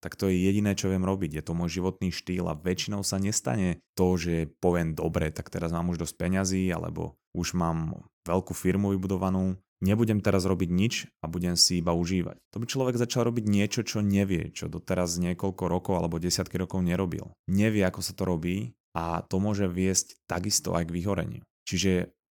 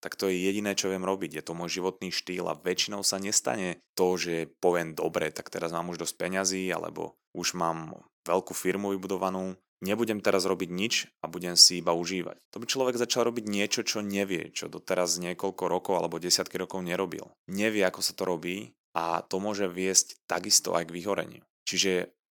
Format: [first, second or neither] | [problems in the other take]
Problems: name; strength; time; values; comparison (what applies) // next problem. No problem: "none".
first | thin; somewhat; fading below 350 Hz